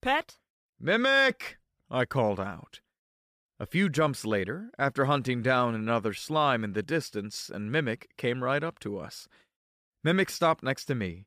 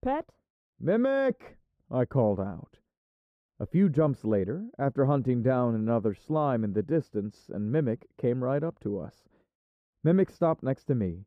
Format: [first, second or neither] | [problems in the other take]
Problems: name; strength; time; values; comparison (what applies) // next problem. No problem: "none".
first | muffled; very; fading above 1 kHz